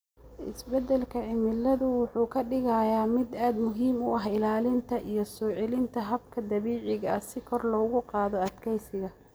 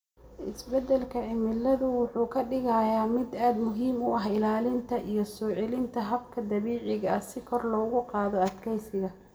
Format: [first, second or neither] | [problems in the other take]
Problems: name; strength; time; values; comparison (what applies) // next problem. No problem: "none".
first | room echo; dies away in 0.5 s